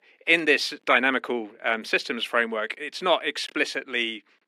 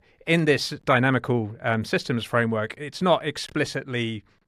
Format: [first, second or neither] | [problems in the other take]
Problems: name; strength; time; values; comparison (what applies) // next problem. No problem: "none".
second | thin; somewhat; fading below 250 Hz